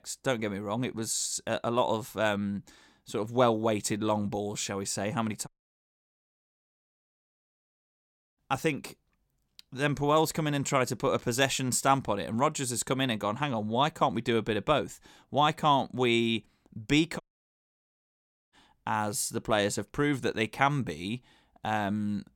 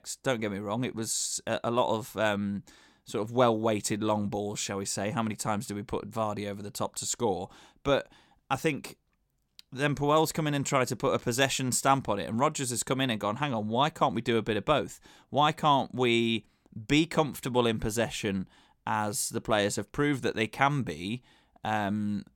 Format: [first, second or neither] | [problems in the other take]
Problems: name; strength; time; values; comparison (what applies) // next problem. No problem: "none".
second | audio cutting out; at 5.5 s for 3 s and at 17 s for 1.5 s